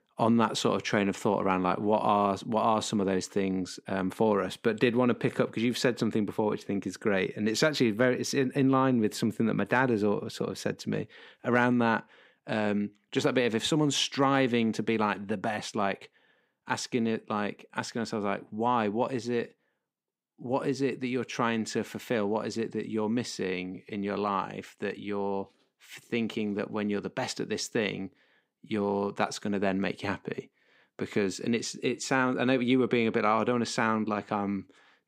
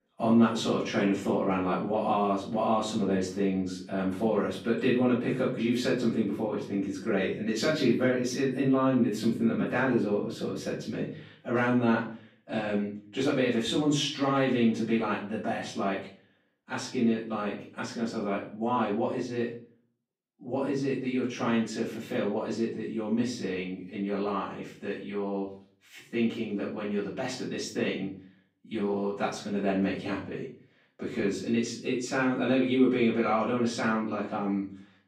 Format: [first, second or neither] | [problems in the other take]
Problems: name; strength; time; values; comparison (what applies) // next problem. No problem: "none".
first | off-mic speech; far // room echo; noticeable; dies away in 0.4 s